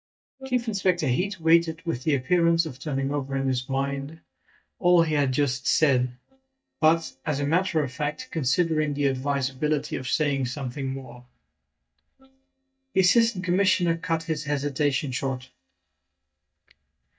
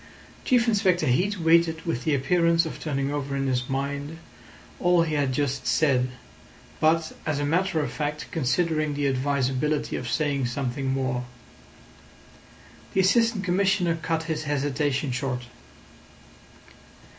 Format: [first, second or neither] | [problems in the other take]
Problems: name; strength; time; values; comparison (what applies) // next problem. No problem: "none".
second | noise reduction (neural mask model DeepFilterNet 3)